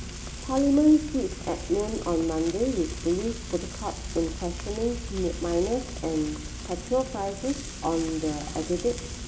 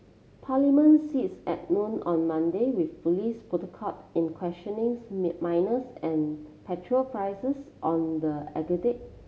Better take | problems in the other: second | background sound (Frying (food)); 9 dB below the speech

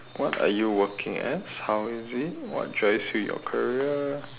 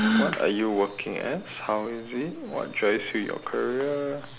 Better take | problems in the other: first | background sound (Gasp); 5 dB below the speech

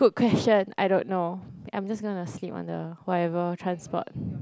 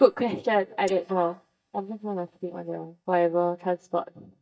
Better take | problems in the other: first | noise reduction (neural mask model DeepFilterNet 3)

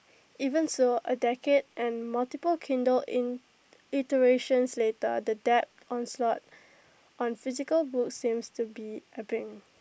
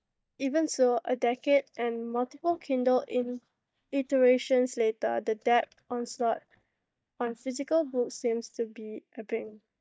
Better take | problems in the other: first | noise reduction (neural mask model DeepFilterNet 3)

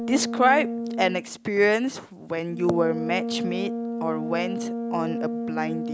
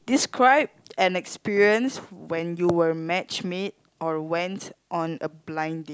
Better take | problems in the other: second | background sound (Brass instrument); 5 dB below the speech

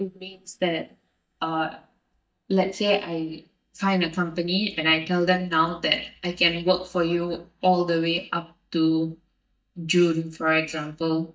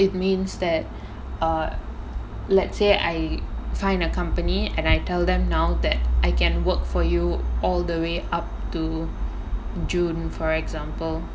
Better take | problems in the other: second | noise reduction (neural mask model DeepFilterNet 3)

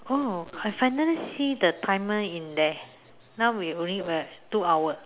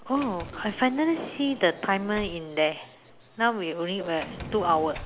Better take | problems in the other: first | background sound (Sliding door); 16 dB below the speech

